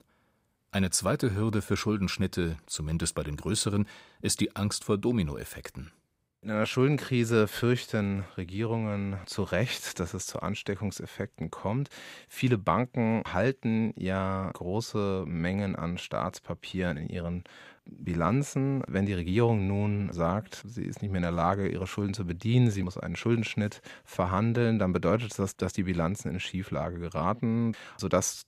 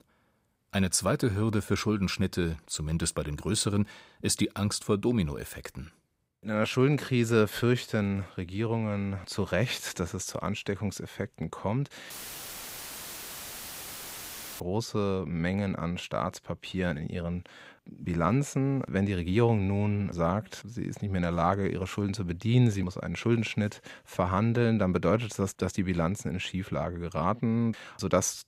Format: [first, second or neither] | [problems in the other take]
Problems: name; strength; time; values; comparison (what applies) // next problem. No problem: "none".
first | audio cutting out; filled with static; at 12 s for 2.5 s